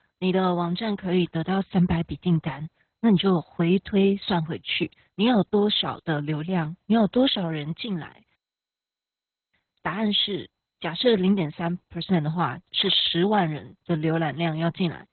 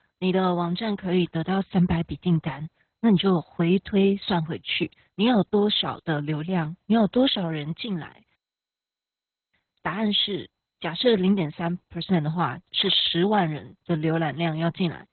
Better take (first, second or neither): neither